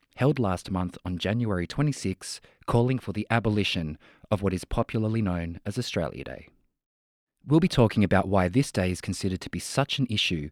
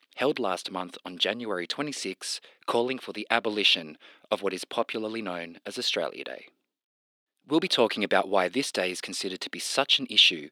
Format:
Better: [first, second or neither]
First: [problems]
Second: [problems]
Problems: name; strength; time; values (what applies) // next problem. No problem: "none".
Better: first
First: none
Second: thin; somewhat; fading below 300 Hz